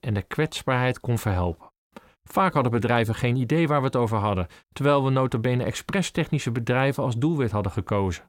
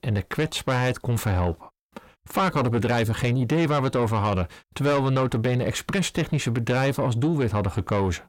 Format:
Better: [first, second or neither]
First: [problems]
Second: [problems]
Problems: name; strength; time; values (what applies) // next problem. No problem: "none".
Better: first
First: none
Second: distortion; slight; 10 dB below the speech